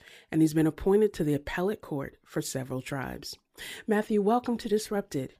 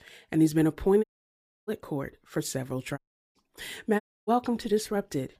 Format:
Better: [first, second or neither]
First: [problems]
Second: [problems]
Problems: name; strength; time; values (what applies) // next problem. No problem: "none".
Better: first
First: none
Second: audio cutting out; at 1 s for 0.5 s, at 3 s and at 4 s